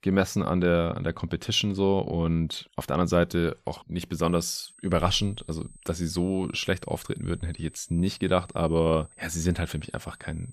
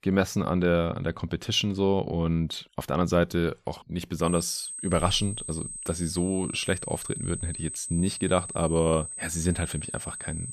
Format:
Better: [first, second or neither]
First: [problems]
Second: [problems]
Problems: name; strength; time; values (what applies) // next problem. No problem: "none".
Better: first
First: high-pitched whine; faint; from 4.5 s on; 8 kHz, 25 dB below the speech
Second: high-pitched whine; loud; from 4.5 s on; 8 kHz, 7 dB below the speech